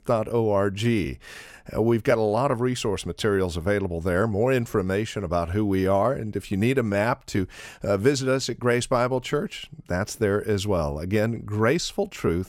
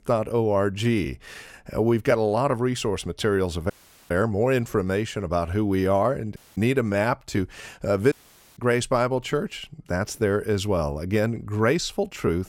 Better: first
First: none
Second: audio cutting out; at 3.5 s, at 6.5 s and at 8 s

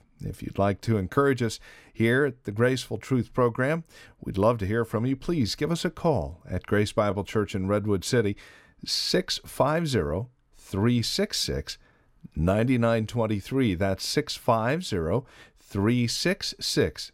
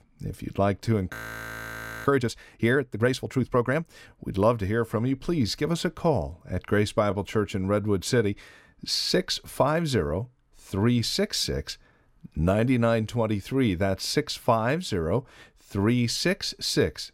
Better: first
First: none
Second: audio freezing; at 1 s for 1 s

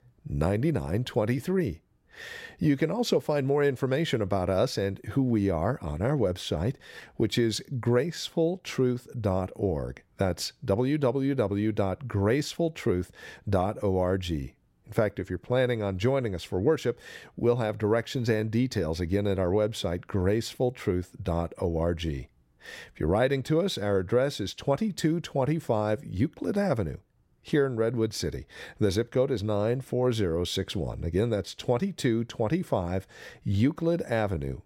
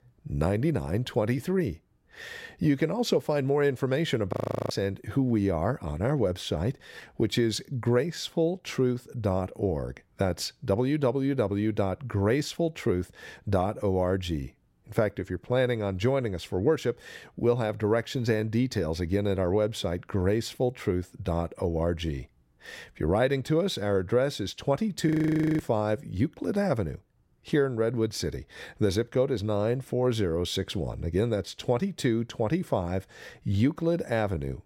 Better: first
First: none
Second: audio freezing; at 4.5 s and at 25 s for 0.5 s

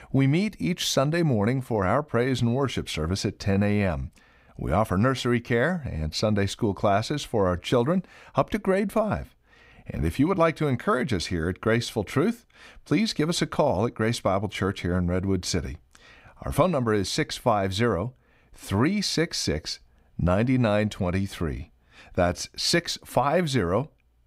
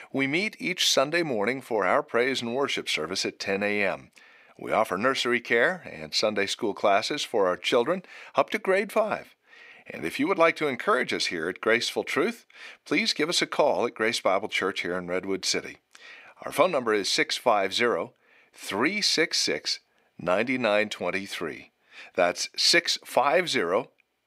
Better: first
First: none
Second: thin; somewhat; fading below 400 Hz

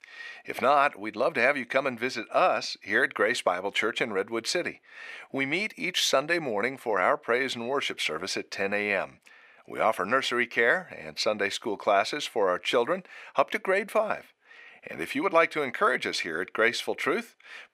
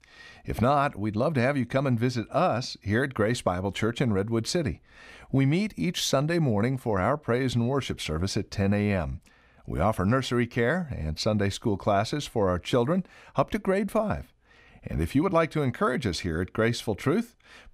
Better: second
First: thin; somewhat; fading below 450 Hz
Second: none

